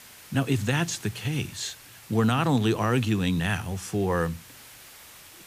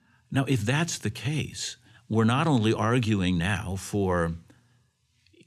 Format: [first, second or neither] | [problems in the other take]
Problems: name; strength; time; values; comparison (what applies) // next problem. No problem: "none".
second | hiss; noticeable; throughout; 20 dB below the speech